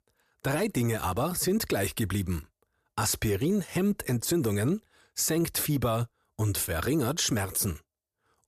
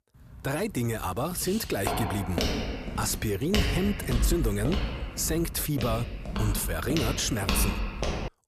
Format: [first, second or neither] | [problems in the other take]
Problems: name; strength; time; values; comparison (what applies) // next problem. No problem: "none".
first | footsteps; loud; from 1 s on; peak 2 dB above the speech